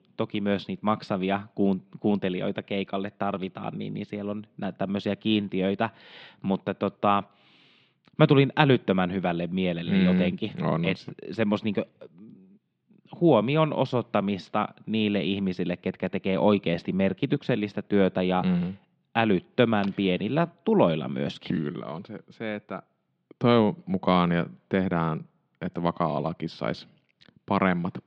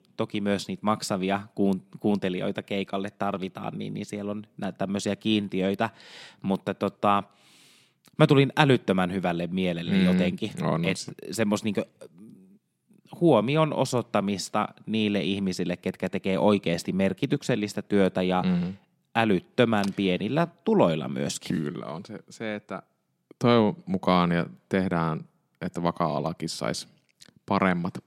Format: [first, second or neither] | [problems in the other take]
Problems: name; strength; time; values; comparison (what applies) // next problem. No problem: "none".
second | muffled; slightly; fading above 3.5 kHz